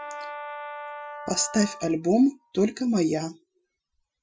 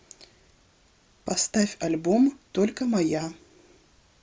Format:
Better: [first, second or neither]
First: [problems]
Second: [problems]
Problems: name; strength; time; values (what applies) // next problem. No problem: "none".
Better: second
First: noise reduction (classical method Wiener filter)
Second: none